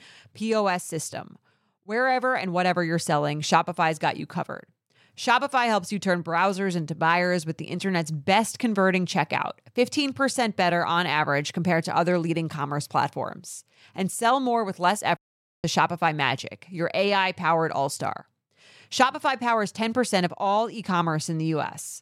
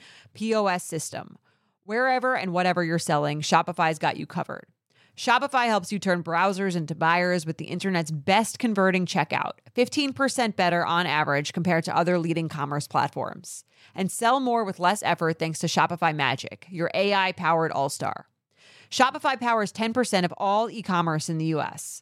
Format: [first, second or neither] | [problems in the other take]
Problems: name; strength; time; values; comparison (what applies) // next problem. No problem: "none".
second | audio cutting out; at 15 s